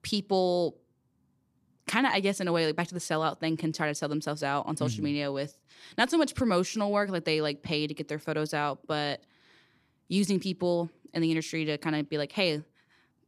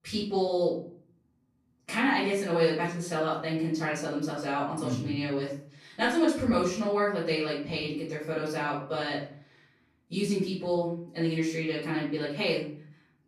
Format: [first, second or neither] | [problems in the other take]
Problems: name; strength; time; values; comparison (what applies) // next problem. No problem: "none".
first | off-mic speech; far // room echo; noticeable; dies away in 0.5 s